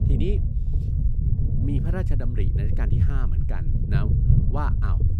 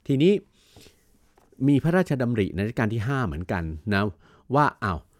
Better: second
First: low rumble; loud; throughout; 1 dB below the speech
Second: none

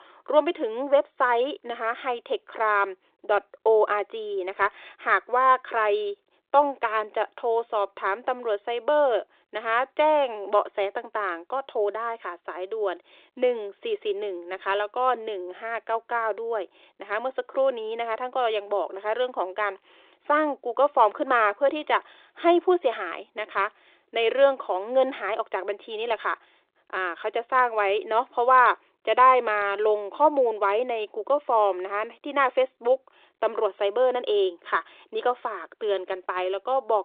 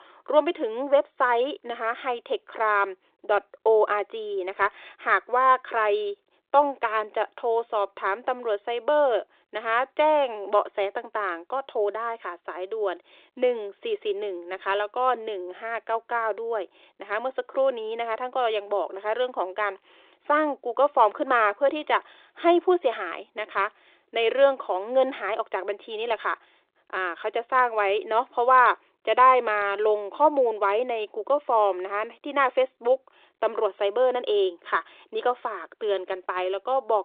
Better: neither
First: phone-call audio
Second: phone-call audio

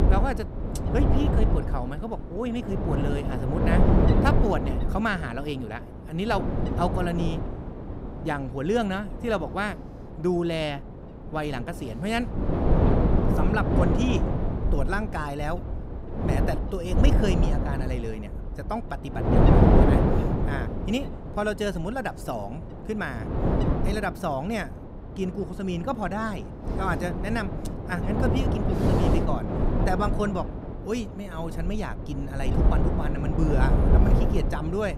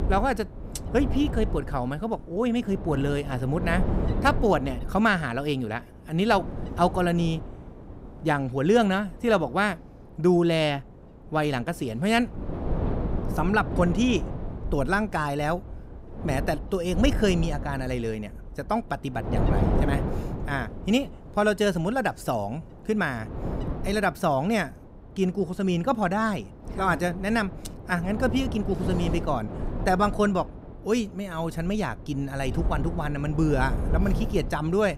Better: second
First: wind noise on the microphone; heavy; as loud as the speech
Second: wind noise on the microphone; occasional gusts; 10 dB below the speech

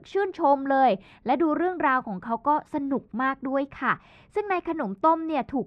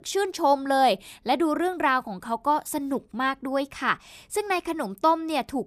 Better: second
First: muffled; very; fading above 1.5 kHz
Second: none

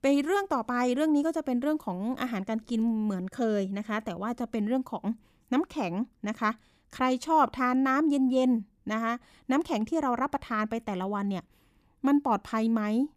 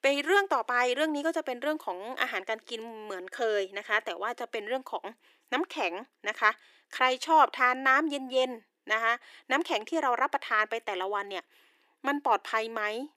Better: first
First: none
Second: thin; very; fading below 350 Hz

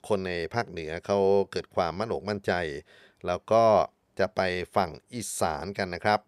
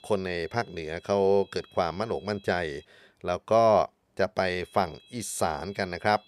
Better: first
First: none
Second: high-pitched whine; faint; until 3 s and from 4.5 s on; 3.5 kHz, 25 dB below the speech

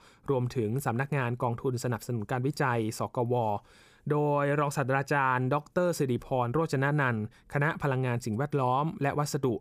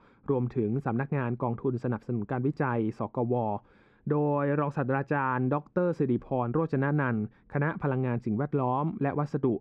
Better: first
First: none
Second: muffled; very; fading above 2 kHz

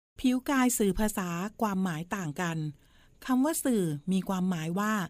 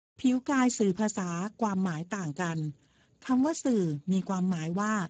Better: first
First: none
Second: garbled, watery; badly; nothing above 7.5 kHz

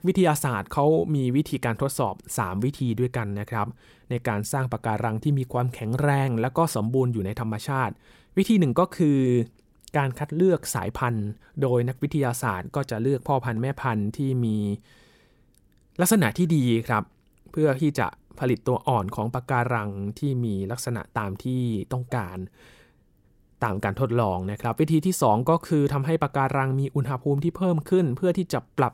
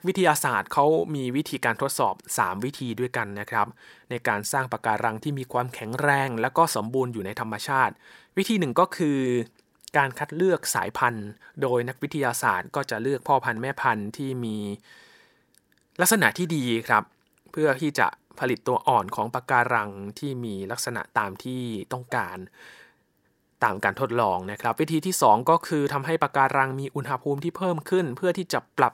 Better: first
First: none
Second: thin; somewhat; fading below 900 Hz

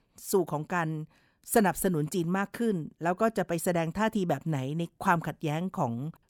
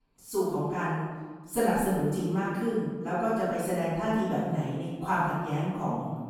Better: first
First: none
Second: off-mic speech; far // room echo; strong; dies away in 1.3 s

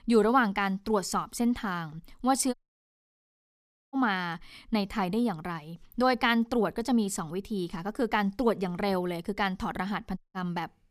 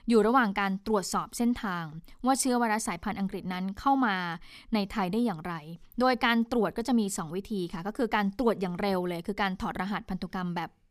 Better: second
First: audio cutting out; at 2.5 s for 1.5 s and at 10 s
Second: none

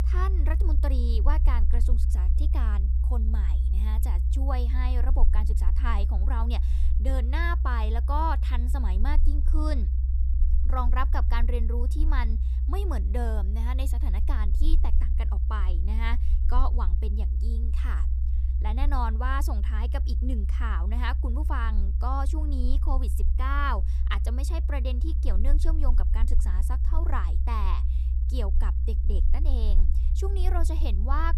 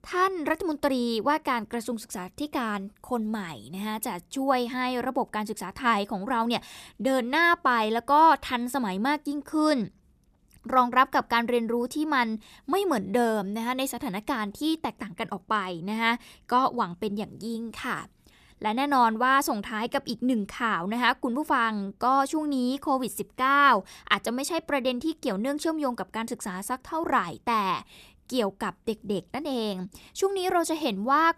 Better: second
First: low rumble; noticeable; throughout; 10 dB below the speech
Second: none

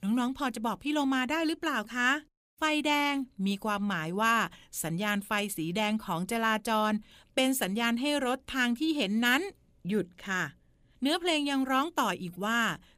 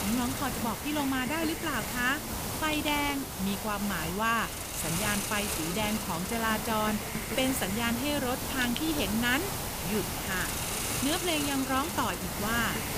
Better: first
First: none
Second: hiss; loud; throughout; 2 dB below the speech

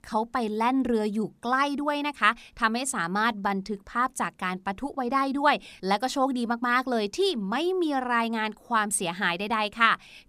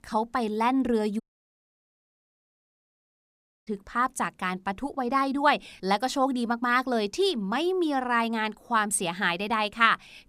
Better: first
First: none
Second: audio cutting out; at 1 s for 2.5 s

